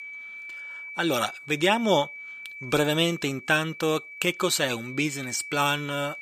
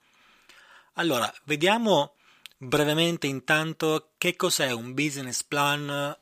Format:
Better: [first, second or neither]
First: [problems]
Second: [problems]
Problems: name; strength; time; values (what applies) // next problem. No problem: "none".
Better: second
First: high-pitched whine; noticeable; throughout; 2.5 kHz, 15 dB below the speech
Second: none